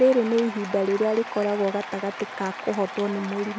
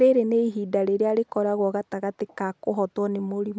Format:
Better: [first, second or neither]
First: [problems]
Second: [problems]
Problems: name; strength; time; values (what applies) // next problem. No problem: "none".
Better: second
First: background sound (Applause / Cheering); 12 dB below the speech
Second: none